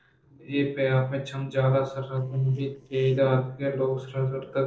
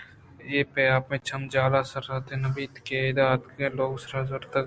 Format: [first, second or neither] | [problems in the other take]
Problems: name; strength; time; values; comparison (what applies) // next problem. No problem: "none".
second | noise reduction (neural separator model SepFormer DNS4)